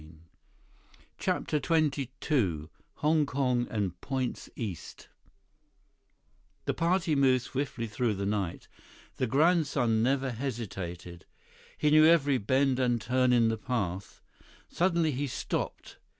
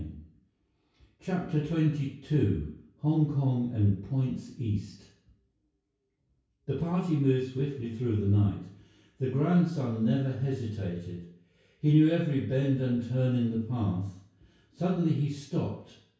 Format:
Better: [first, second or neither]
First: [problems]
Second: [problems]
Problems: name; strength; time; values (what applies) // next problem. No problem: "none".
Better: first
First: none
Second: room echo; dies away in 0.6 s